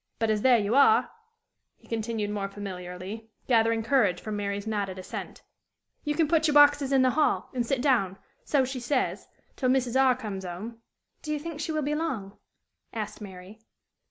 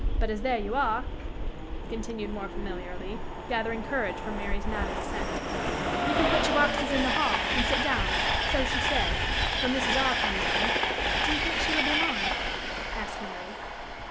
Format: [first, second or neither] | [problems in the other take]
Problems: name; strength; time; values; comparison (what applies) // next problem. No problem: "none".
first | background sound (Train); 5 dB above the speech